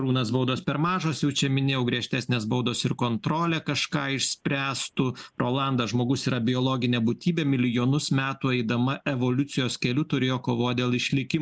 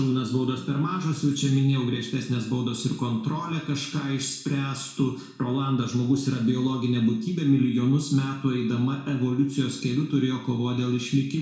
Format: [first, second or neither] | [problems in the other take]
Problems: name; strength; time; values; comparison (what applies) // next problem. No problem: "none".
first | room echo; dies away in 0.6 s